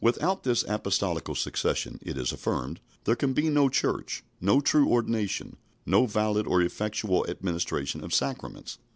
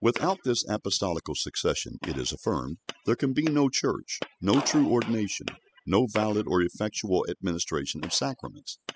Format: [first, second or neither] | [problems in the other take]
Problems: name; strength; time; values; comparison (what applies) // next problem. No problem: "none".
first | noise reduction (classical method spectral subtraction)